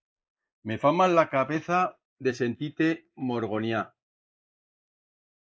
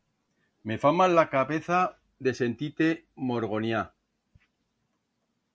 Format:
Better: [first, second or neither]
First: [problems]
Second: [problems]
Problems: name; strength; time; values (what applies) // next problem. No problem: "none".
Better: second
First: noise reduction (neural mask model Resemble Enhance denoiser)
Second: none